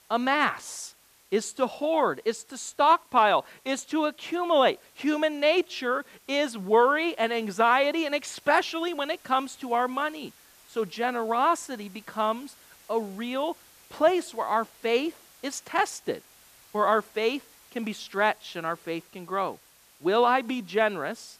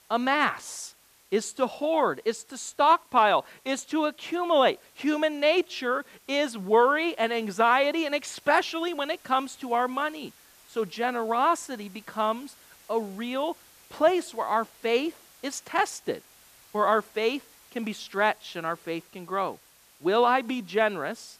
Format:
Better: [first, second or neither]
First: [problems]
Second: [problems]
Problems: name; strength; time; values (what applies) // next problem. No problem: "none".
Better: neither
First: hiss; faint; throughout; 25 dB below the speech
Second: hiss; faint; throughout; 25 dB below the speech